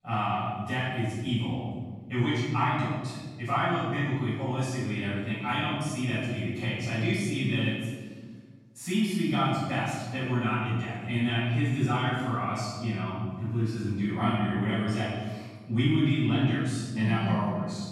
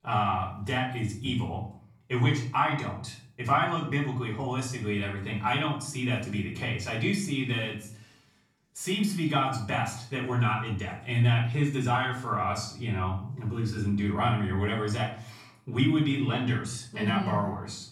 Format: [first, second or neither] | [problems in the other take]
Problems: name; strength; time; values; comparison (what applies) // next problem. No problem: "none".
second | room echo; strong; dies away in 1.5 s; slight in the second // off-mic speech; far; far in the second